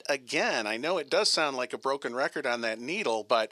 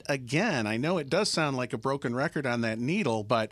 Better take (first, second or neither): second